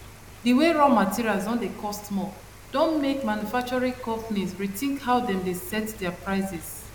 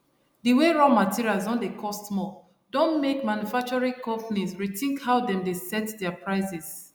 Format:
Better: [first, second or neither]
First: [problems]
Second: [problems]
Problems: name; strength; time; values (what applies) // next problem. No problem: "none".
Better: second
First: background sound (Rain + Engine); 19 dB below the speech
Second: none